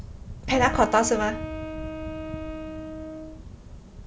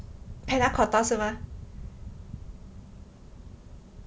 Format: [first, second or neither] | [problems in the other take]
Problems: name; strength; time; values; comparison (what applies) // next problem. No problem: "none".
second | background sound (Wind instrument, woodwind instrument); 9 dB below the speech